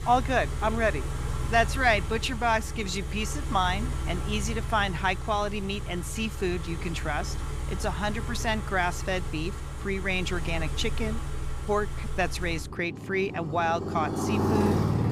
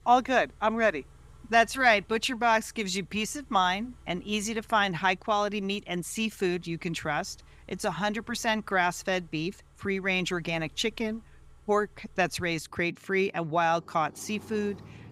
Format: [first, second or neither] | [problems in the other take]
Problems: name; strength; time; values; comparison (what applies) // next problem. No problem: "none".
second | traffic noise; loud; throughout; 4 dB below the speech; faint in the second